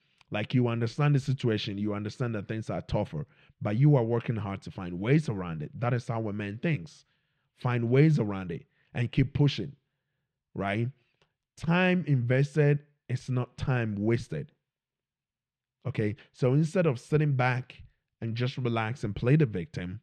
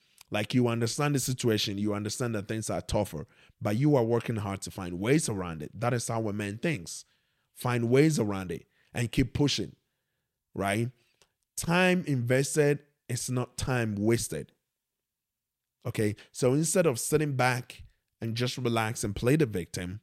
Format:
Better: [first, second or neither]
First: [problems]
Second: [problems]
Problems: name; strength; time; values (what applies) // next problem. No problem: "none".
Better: second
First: muffled; slightly; fading above 3 kHz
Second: none